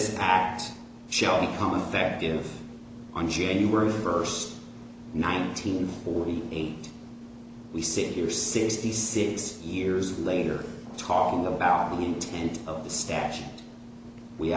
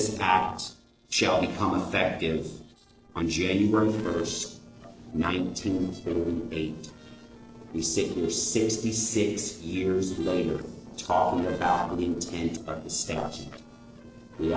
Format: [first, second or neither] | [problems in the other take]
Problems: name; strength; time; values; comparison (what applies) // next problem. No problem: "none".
first | noise reduction (neural separator model SepFormer DNS4)